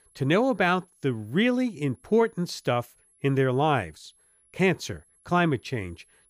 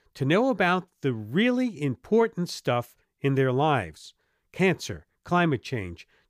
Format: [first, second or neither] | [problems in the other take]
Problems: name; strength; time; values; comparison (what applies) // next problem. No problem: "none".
second | high-pitched whine; faint; throughout; 11 kHz, 35 dB below the speech